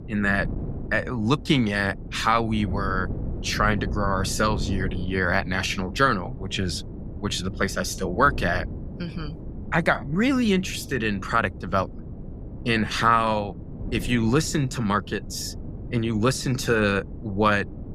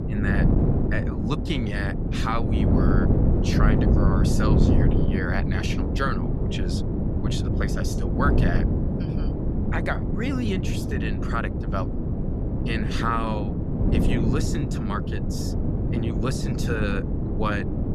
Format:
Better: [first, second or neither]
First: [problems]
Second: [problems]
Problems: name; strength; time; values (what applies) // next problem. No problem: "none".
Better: first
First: wind noise on the microphone; occasional gusts; 20 dB below the speech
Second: wind noise on the microphone; heavy; 1 dB below the speech